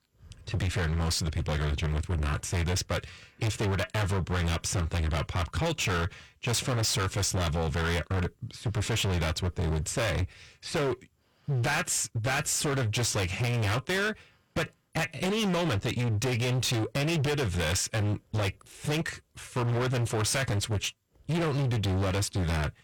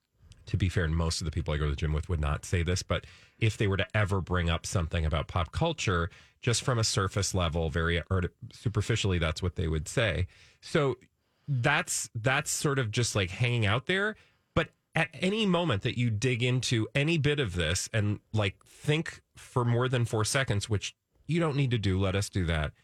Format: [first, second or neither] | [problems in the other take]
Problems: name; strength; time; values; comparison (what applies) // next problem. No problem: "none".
second | distortion; heavy; 30% of the sound clipped